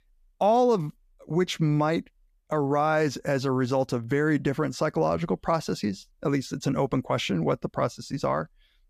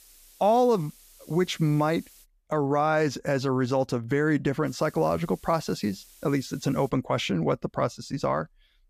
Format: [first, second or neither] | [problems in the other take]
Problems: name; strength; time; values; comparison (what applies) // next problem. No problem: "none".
first | hiss; faint; until 2 s and from 4.5 to 7 s; 25 dB below the speech